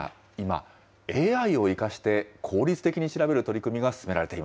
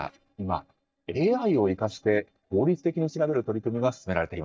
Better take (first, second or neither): first